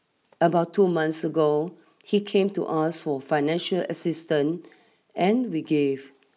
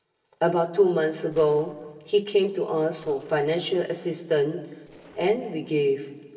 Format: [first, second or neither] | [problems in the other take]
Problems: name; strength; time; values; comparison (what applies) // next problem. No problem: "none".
first | noise reduction (neural separator model SepFormer DNS4)